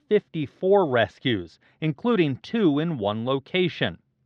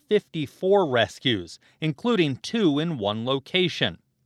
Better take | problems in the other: second | muffled; slightly; fading above 2.5 kHz

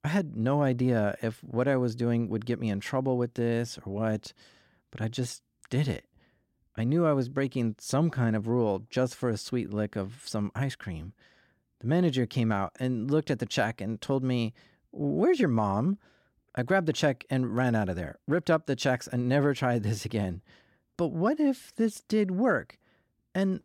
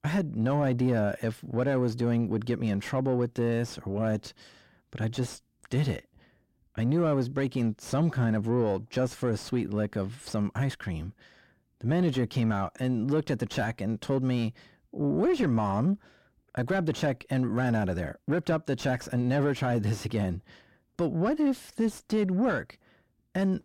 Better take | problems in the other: first | distortion; slight; 10 dB below the speech

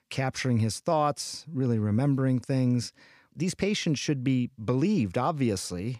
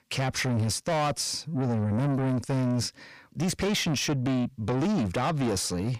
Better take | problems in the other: first | distortion; heavy; 6 dB below the speech

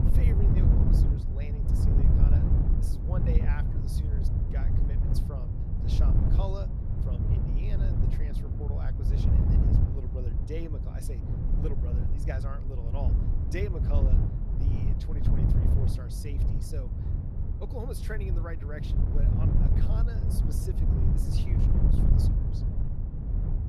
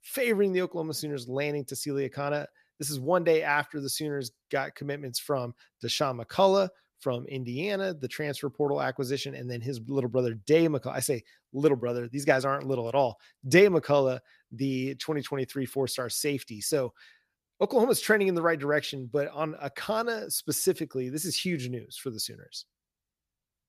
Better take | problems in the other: second | wind noise on the microphone; heavy; 3 dB above the speech

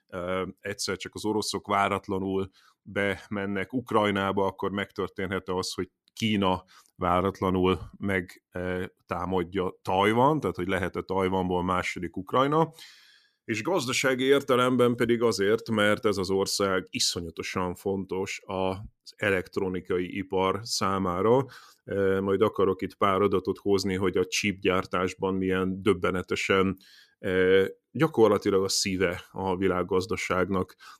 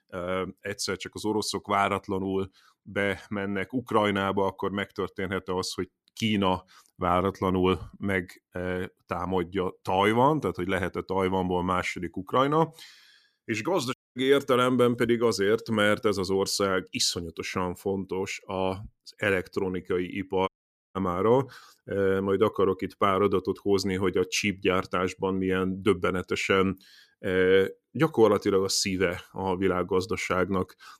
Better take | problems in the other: first | audio cutting out; at 14 s and at 20 s

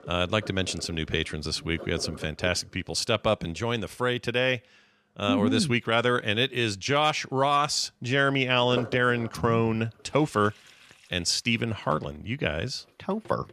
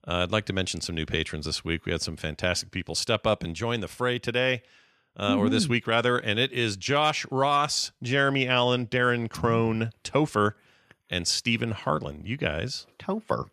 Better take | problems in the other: second | household noises; noticeable; throughout; 15 dB below the speech

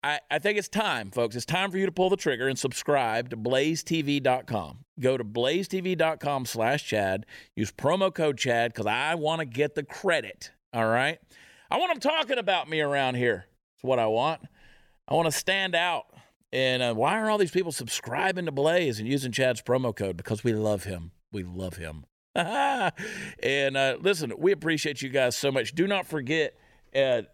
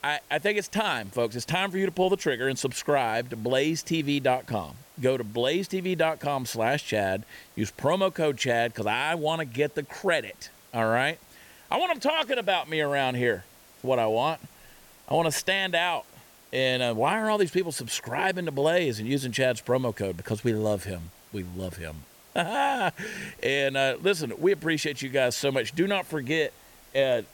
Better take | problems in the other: first | hiss; faint; throughout; 25 dB below the speech

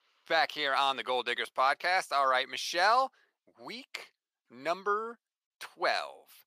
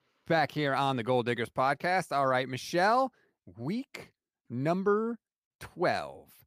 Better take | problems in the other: second | thin; very; fading below 600 Hz

